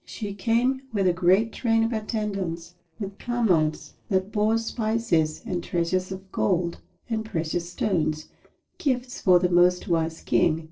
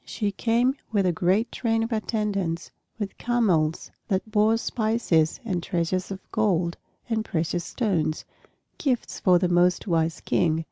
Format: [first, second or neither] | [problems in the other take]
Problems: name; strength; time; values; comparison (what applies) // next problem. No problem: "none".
second | noise reduction (neural separator model SepFormer DNS4)